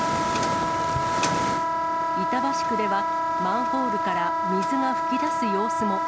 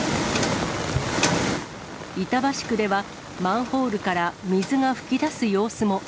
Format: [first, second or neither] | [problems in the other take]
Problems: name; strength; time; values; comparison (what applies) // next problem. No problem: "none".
second | background sound (Wind instrument, woodwind instrument); 4 dB above the speech